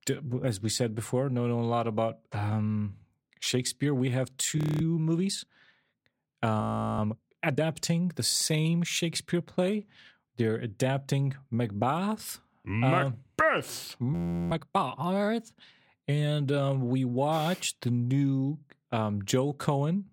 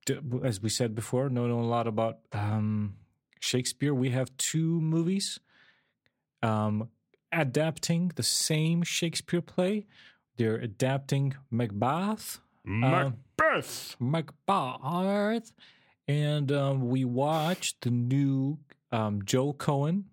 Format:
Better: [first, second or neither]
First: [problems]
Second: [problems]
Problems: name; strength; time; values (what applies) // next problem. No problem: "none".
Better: second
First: audio freezing; at 4.5 s, at 6.5 s and at 14 s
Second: none